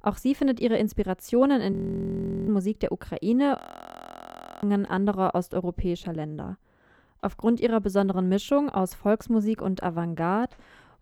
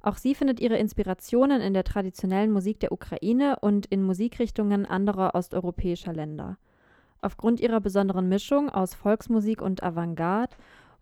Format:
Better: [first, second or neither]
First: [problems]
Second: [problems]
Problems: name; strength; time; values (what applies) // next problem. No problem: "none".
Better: second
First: audio freezing; at 1.5 s for 1 s and at 3.5 s for 1 s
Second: none